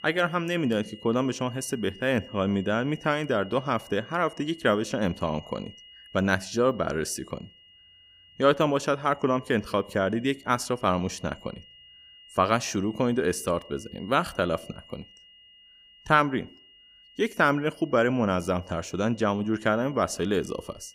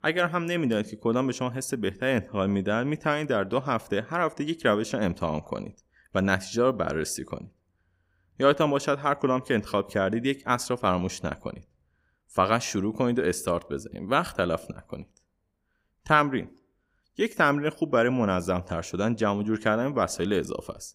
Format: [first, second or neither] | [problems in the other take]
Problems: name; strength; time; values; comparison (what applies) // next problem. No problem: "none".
second | high-pitched whine; faint; throughout; 3 kHz, 25 dB below the speech